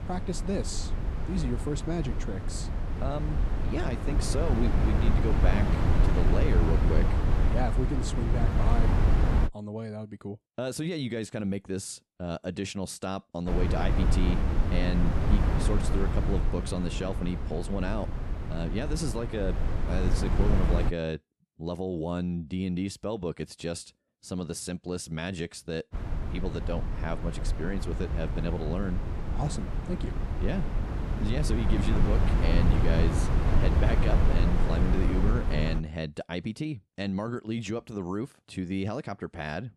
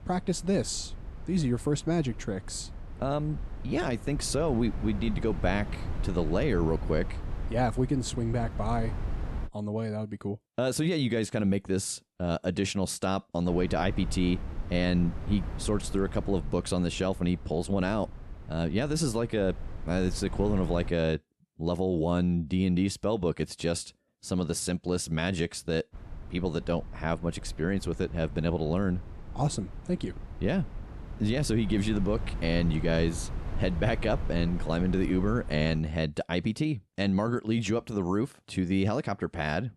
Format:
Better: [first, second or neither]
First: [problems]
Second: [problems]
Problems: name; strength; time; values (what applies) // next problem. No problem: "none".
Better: second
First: wind noise on the microphone; heavy; until 9.5 s, from 13 to 21 s and from 26 to 36 s; 2 dB below the speech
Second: wind noise on the microphone; occasional gusts; until 9.5 s, from 13 to 21 s and from 26 to 36 s; 15 dB below the speech